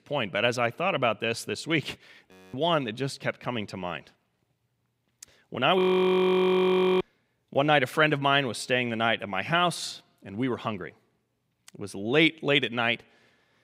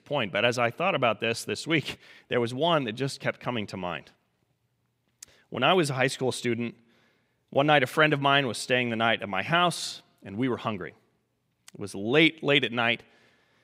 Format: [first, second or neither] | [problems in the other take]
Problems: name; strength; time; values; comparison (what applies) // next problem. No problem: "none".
second | audio freezing; at 2.5 s and at 6 s for 1 s